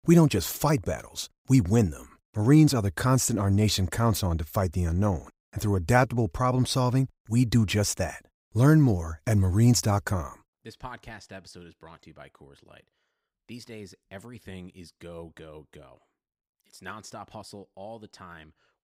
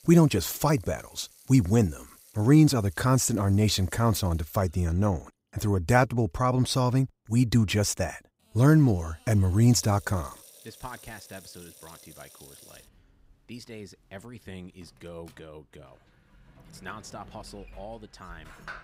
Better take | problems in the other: first | household noises; faint; throughout; 25 dB below the speech

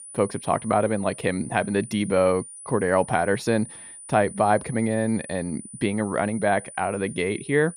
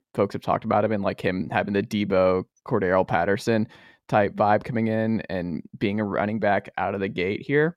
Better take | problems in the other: second | high-pitched whine; noticeable; throughout; 9.5 kHz, 15 dB below the speech

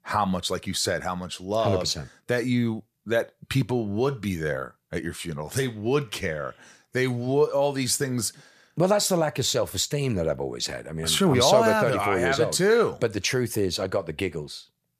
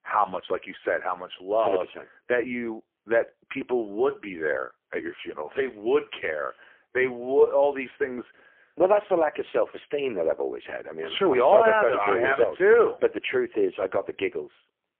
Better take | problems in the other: first | phone-call audio; poor line; nothing above 3.5 kHz

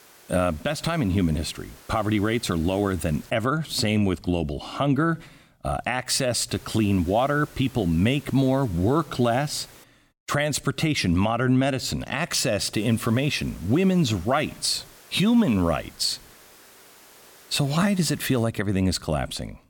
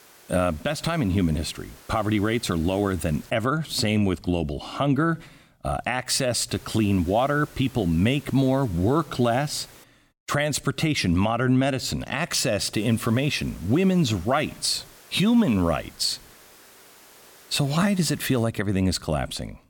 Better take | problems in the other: neither | hiss; faint; until 3.5 s, from 6.5 to 10 s and from 13 to 18 s; 25 dB below the speech; the same in both

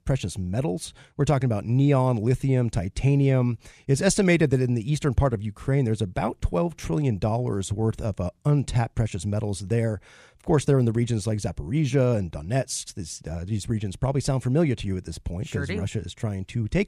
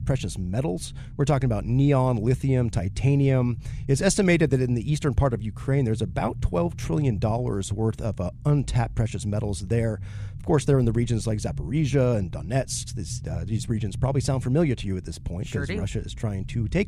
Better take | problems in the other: first | low rumble; faint; throughout; 20 dB below the speech

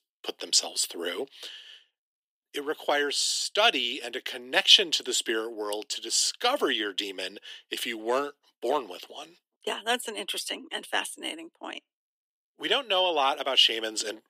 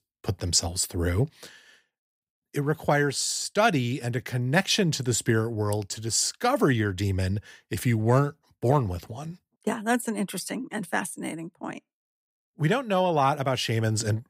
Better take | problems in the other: second | thin; very; fading below 300 Hz

